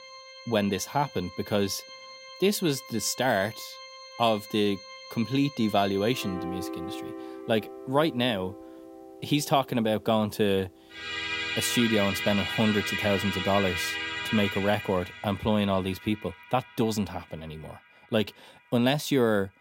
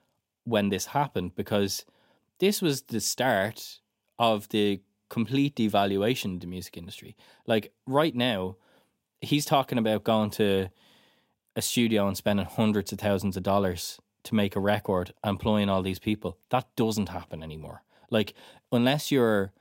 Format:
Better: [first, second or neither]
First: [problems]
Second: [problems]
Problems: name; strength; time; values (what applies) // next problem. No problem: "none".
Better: second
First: background music; loud; throughout; 7 dB below the speech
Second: none